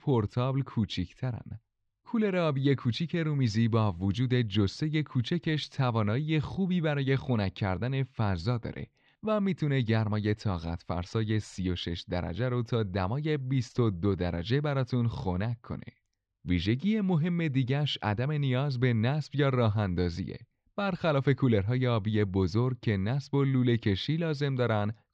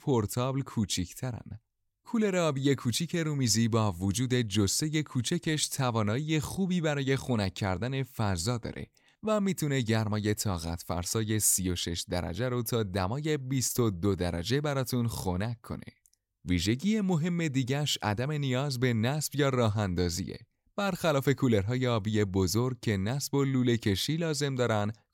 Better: second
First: muffled; slightly; fading above 4 kHz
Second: none

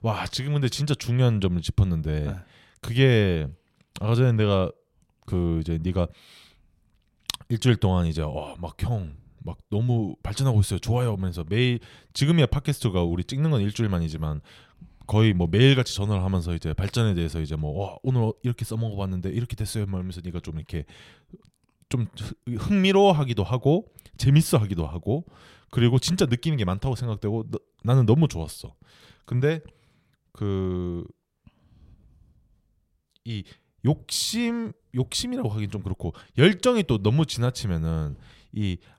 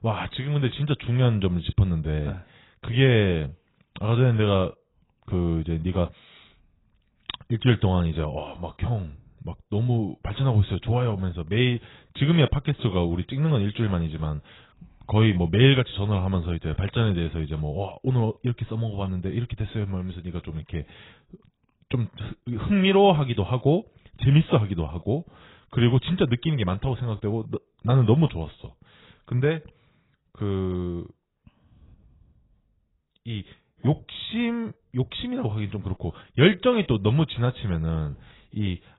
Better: first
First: none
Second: garbled, watery; badly; nothing above 4 kHz

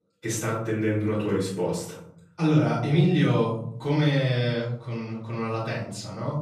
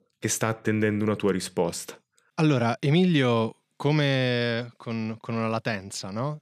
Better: second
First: off-mic speech; far // room echo; noticeable; dies away in 0.7 s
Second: none

